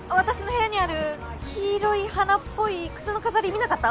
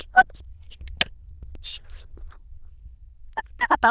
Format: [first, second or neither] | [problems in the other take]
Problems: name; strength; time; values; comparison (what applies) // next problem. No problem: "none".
first | noise reduction (neural diffusion model UNIVERSE++)